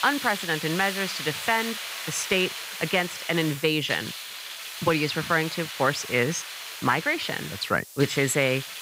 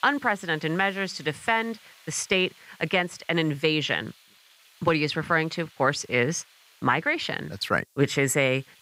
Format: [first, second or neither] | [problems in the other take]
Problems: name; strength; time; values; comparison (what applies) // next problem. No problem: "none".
second | hiss; loud; throughout; 8 dB below the speech; faint in the second